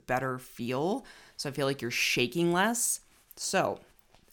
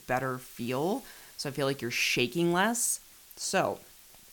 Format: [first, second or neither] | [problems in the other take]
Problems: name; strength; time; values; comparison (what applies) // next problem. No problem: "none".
first | hiss; faint; throughout; 20 dB below the speech